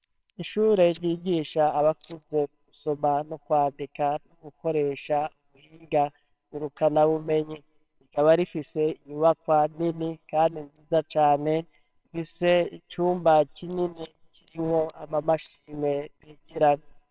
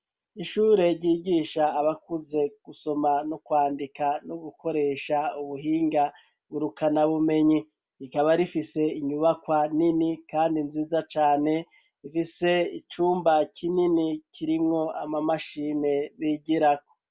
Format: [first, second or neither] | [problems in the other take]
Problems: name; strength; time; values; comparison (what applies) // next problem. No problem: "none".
second | noise reduction (neural separator model SepFormer WHAMR!)